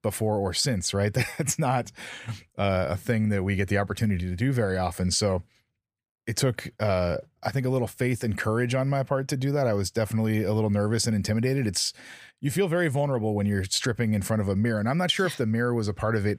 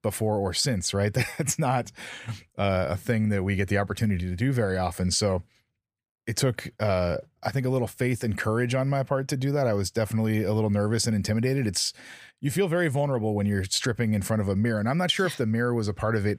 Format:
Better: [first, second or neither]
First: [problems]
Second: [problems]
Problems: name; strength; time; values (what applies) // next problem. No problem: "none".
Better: neither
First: none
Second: none